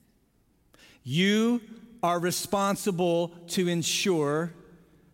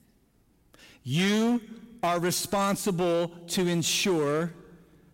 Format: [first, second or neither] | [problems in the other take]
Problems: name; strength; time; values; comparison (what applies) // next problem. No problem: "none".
first | distortion; slight; 9% of the sound clipped